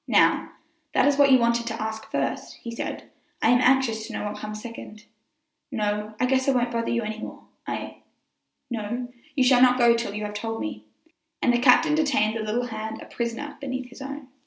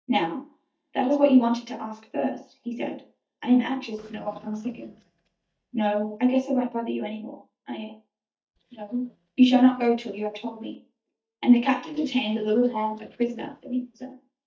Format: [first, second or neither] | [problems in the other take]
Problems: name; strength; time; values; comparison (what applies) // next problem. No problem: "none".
first | noise reduction (neural mask model DeepFilterNet 3)